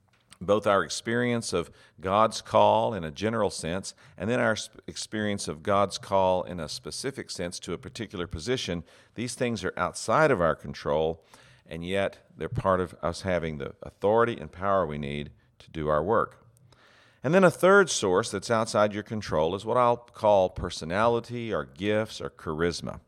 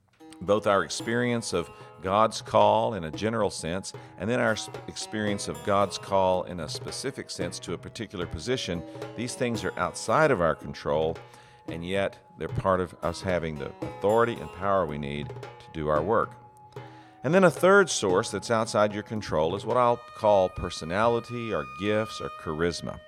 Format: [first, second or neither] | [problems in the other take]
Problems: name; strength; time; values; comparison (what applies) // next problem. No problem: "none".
first | background music; noticeable; throughout; 15 dB below the speech